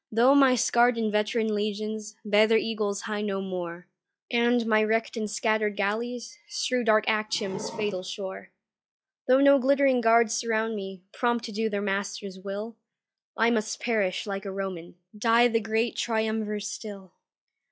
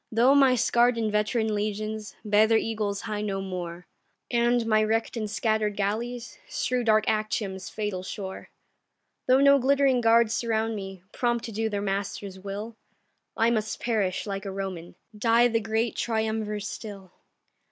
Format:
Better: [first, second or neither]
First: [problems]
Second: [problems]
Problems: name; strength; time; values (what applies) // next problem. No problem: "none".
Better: second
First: noise reduction (classical method log-MMSE)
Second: none